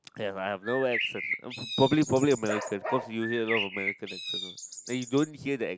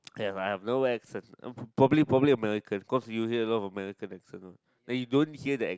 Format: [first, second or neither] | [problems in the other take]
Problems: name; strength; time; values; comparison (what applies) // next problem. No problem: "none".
second | background sound (Bark + Bird); 6 dB below the speech